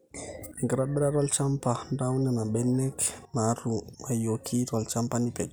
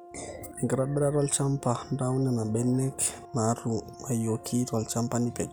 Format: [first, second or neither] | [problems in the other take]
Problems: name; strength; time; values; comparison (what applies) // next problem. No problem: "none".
first | background sound (Brass instrument); 20 dB below the speech